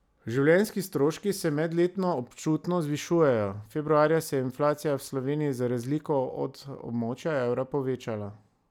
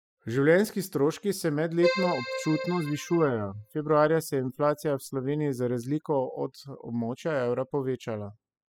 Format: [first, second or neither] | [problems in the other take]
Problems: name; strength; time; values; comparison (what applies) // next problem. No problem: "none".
first | noise reduction (classical method spectral subtraction)